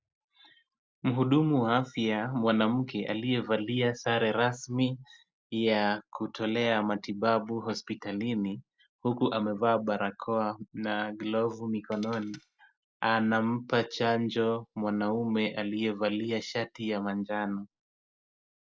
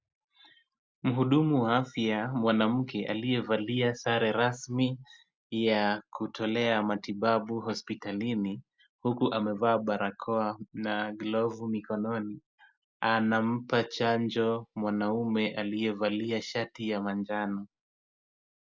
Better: second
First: noise reduction (neural separator model SepFormer DNS4)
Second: none

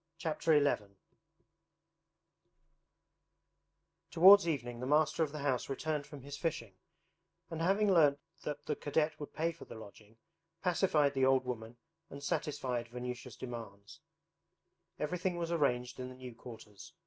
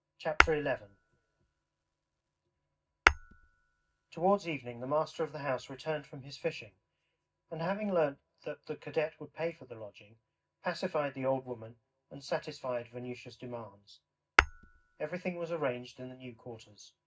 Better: first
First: none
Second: background sound (Tap / Hammer); 2 dB above the speech // room echo; dies away in 0.4 s

